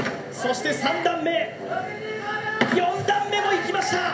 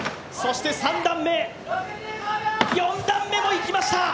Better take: second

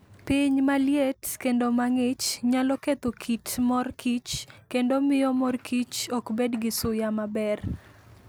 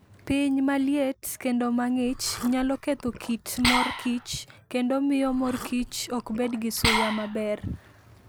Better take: first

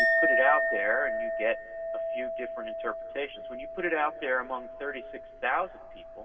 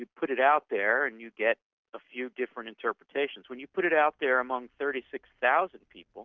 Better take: second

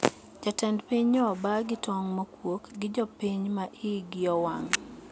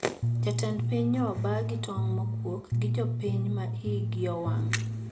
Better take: first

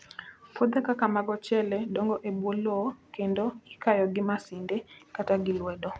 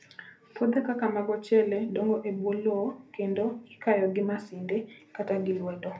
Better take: first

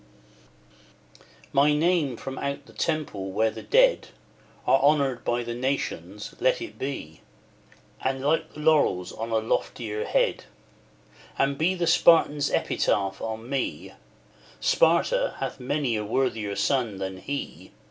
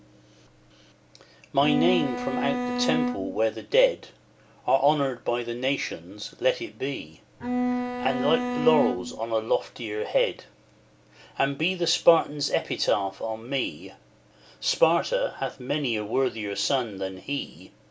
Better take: first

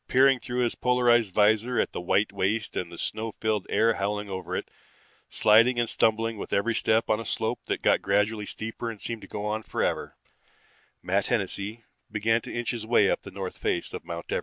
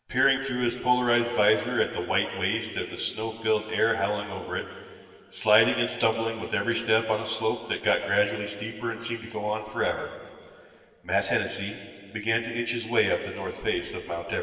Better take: first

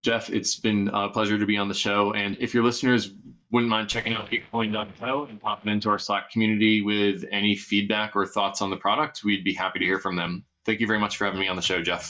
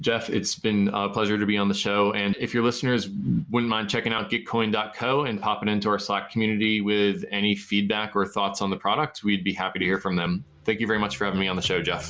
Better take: second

